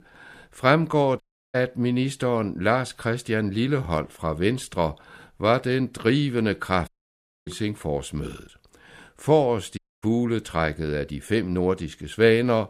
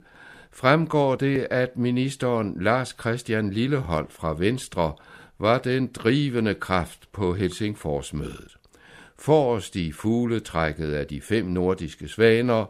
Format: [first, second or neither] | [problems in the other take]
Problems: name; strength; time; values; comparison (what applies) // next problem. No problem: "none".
second | audio cutting out; at 1 s, at 7 s for 0.5 s and at 10 s